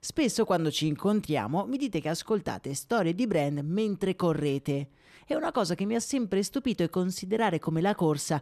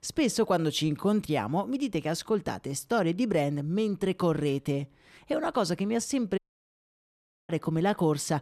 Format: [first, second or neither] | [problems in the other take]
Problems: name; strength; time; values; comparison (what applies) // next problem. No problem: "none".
first | audio cutting out; at 6.5 s for 1 s